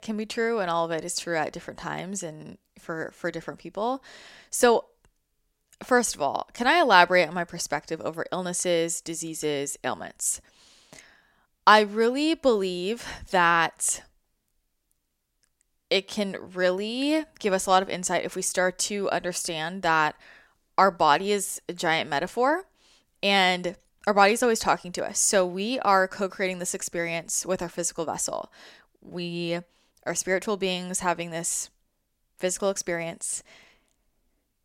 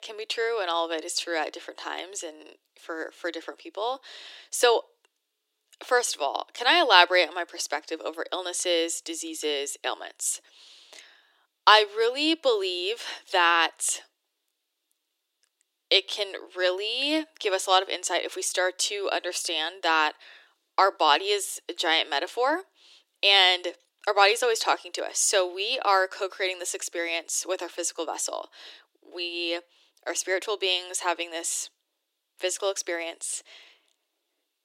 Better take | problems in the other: first | thin; very; fading below 300 Hz

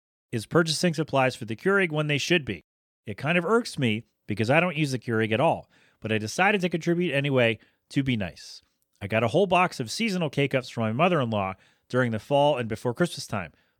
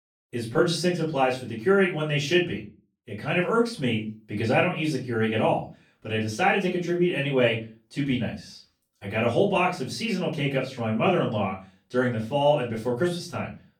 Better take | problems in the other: first | room echo; slight; dies away in 0.3 s // off-mic speech; far

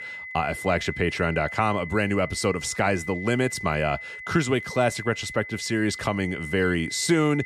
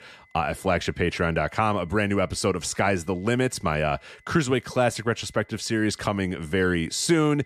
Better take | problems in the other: second | high-pitched whine; loud; throughout; 2 kHz, 10 dB below the speech; faint in the second

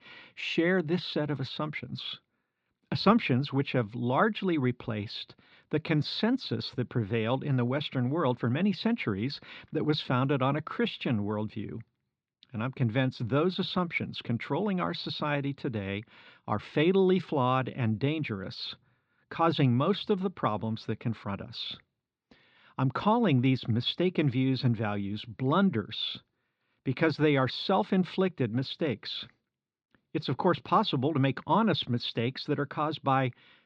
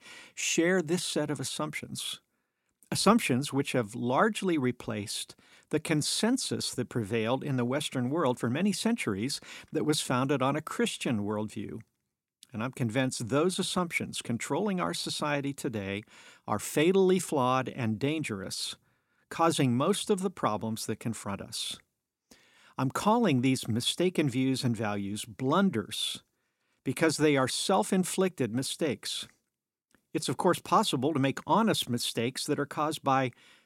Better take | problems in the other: second | muffled; very slightly; fading above 4 kHz

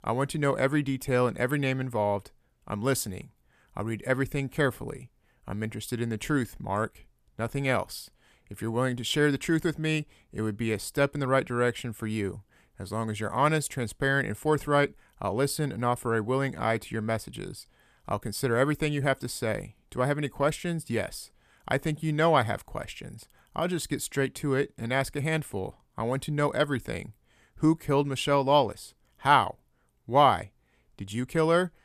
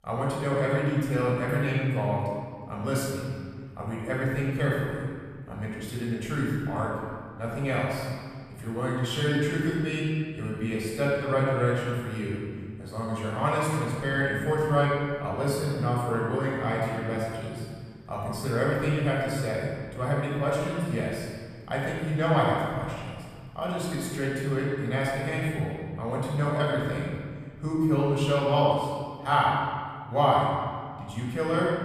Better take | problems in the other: first | off-mic speech; far // room echo; strong; dies away in 1.8 s

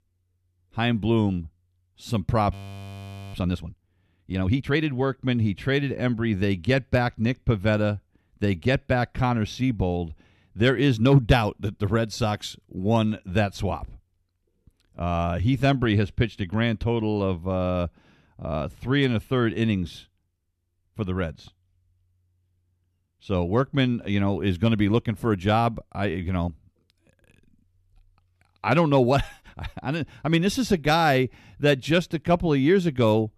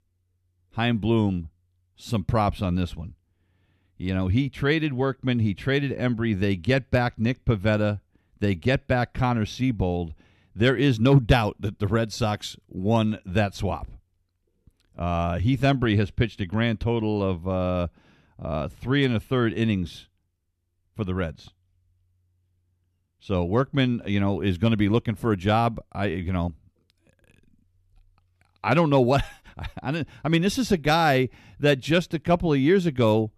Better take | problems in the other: second | audio freezing; at 2.5 s for 1 s

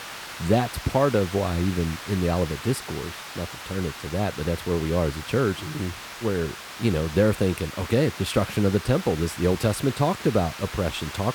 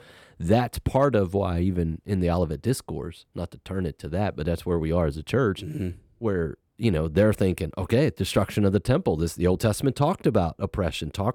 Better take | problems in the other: second | hiss; noticeable; throughout; 10 dB below the speech

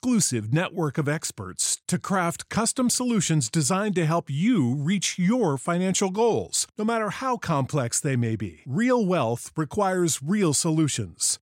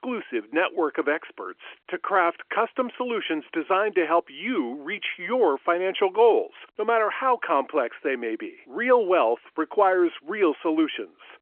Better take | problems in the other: first | phone-call audio

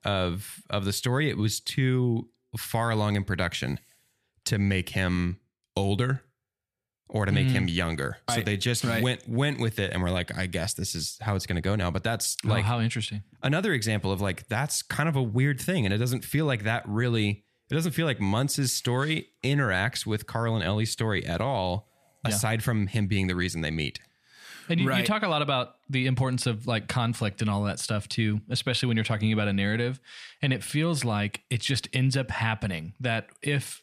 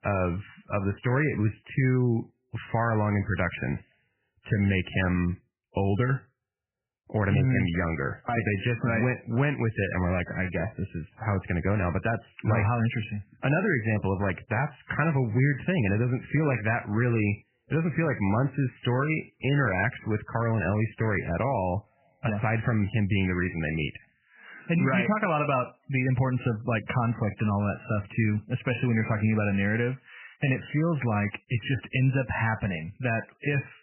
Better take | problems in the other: first | garbled, watery; badly; nothing above 3 kHz

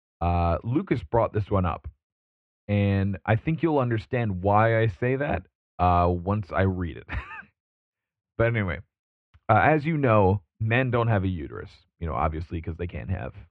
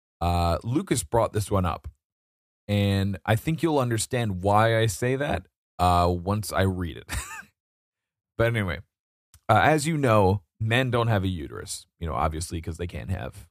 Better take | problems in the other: second | muffled; very; fading above 2.5 kHz

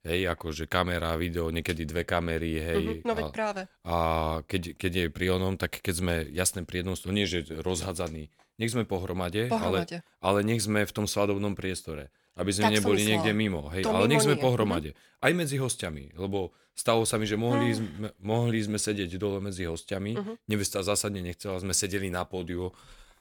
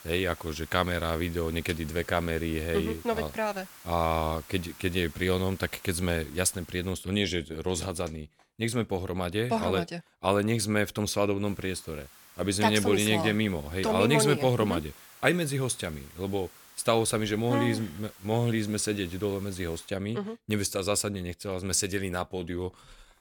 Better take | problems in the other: first | hiss; noticeable; until 7 s and from 11 to 20 s; 20 dB below the speech

